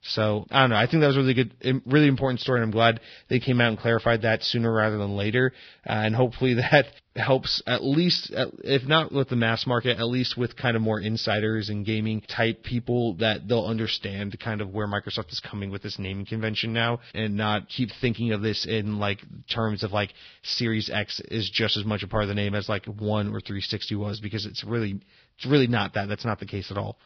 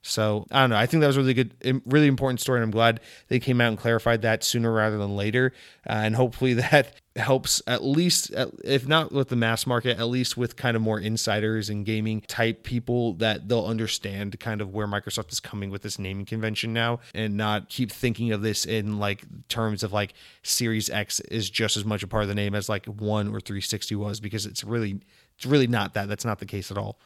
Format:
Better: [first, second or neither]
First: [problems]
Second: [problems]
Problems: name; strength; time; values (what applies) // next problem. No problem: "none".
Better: second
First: garbled, watery; badly; nothing above 5.5 kHz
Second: none